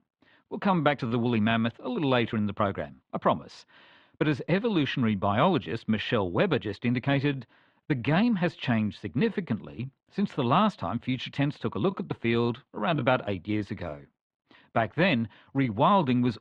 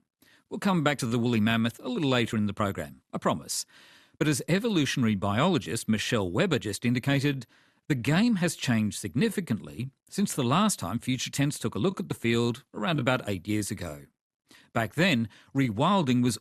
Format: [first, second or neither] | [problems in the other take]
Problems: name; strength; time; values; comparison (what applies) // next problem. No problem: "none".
second | muffled; very; fading above 3.5 kHz